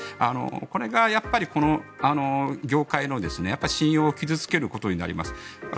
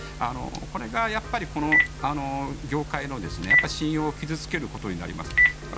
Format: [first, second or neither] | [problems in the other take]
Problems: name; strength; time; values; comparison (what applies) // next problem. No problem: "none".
first | background sound (Telephone); 2 dB above the speech